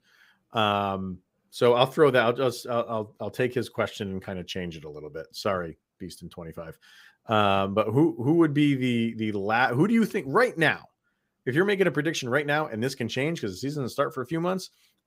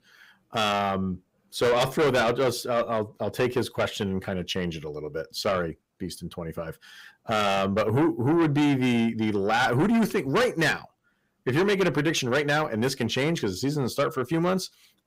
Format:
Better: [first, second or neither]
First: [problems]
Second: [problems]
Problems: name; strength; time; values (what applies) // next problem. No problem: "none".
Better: first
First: none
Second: distortion; heavy; 6 dB below the speech